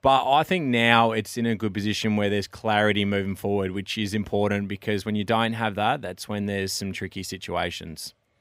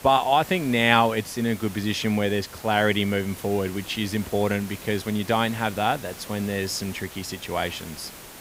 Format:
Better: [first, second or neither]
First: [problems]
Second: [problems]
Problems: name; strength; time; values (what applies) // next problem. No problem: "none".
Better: first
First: none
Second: hiss; noticeable; throughout; 15 dB below the speech